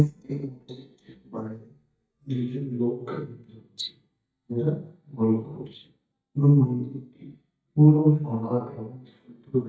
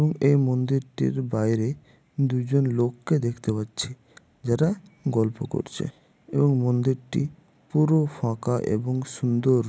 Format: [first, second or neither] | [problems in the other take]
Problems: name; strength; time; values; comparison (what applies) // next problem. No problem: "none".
second | noise reduction (neural mask model DeepFilterNet 3)